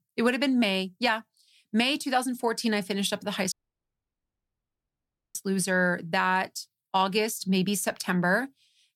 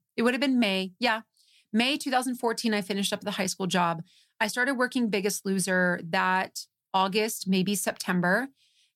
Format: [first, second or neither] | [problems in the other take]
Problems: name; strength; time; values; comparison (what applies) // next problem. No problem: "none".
second | audio cutting out; at 3.5 s for 2 s